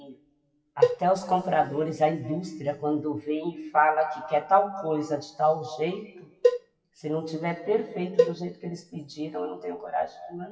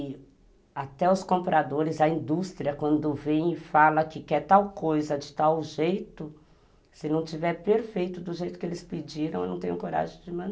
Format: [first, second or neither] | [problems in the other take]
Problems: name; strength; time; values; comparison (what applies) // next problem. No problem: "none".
second | noise reduction (classical method WPE with log-MMSE)